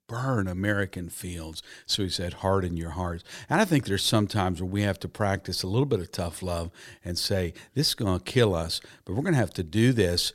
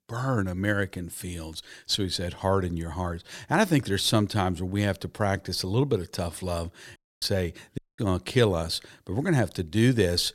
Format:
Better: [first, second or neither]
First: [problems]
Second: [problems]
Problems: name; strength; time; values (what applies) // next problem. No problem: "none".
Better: first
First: none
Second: audio cutting out; at 7 s and at 8 s